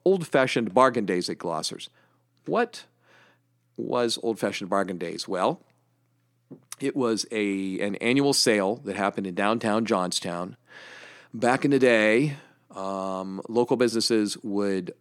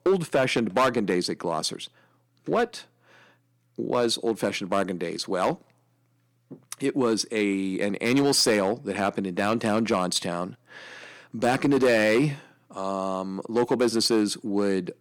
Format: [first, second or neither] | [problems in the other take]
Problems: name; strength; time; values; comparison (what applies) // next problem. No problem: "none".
first | distortion; slight; 3% of the sound clipped